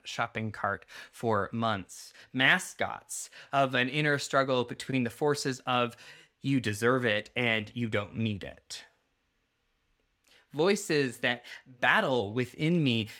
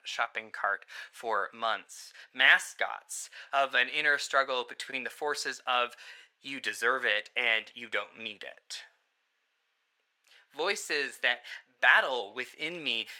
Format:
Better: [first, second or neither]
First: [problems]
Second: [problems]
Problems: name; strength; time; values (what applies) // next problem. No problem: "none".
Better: first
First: none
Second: thin; very; fading below 650 Hz